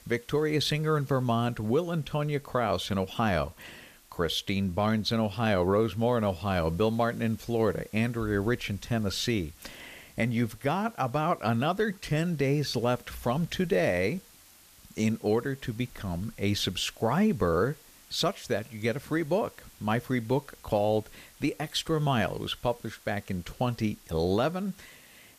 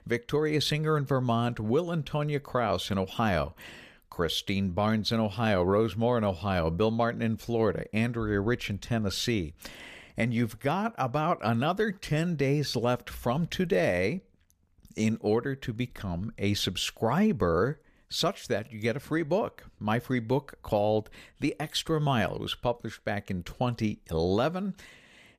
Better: second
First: hiss; faint; throughout; 25 dB below the speech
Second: none

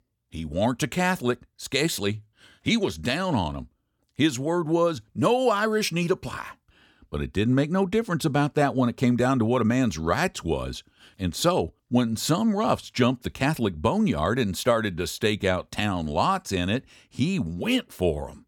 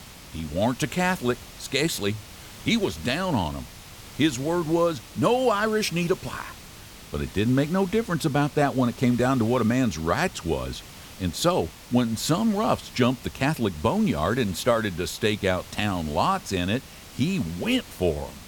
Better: first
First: none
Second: hiss; noticeable; throughout; 15 dB below the speech

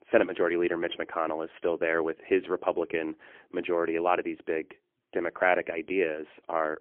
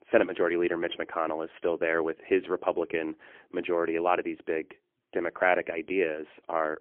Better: neither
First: phone-call audio; poor line; nothing above 3.5 kHz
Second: phone-call audio; poor line; nothing above 3.5 kHz

